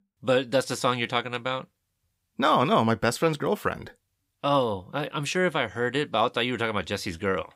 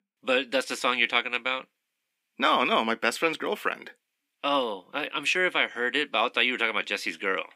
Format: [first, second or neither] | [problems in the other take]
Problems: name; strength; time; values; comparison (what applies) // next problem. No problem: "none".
first | thin; very slightly; fading below 250 Hz